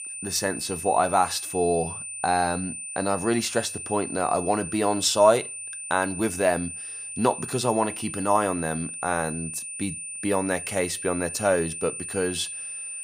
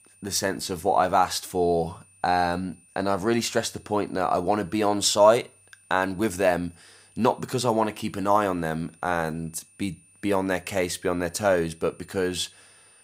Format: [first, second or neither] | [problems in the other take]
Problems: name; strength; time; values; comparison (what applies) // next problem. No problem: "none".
second | high-pitched whine; loud; throughout; 9 kHz, 7 dB below the speech; faint in the second